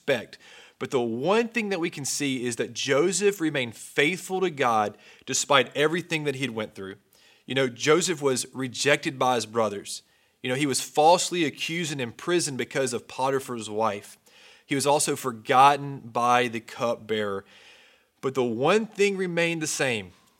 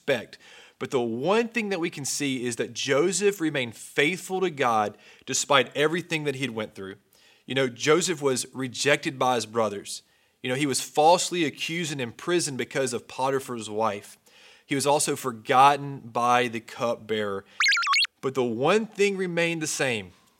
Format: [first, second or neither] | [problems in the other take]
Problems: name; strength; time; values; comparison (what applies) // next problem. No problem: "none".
first | phone ringing; loud; at 18 s; peak 6 dB above the speech